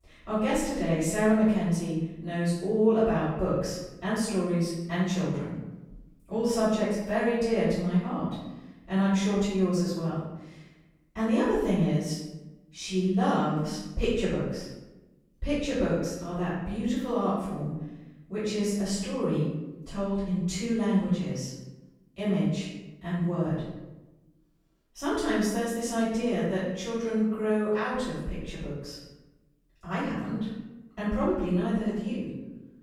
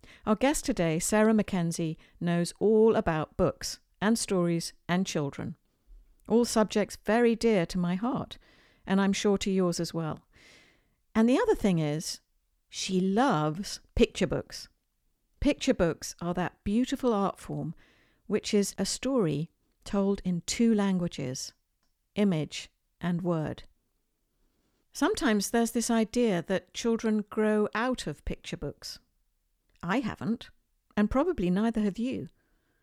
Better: second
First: room echo; strong; dies away in 0.9 s // off-mic speech; far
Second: none

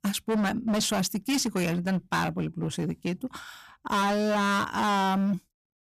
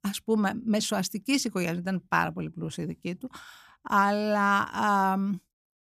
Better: second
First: distortion; heavy; 20% of the sound clipped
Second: none

